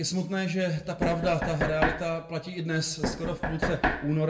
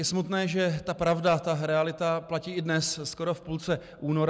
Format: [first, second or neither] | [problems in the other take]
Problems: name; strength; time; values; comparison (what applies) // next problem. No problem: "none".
second | background sound (Knock); 2 dB below the speech // room echo; dies away in 0.5 s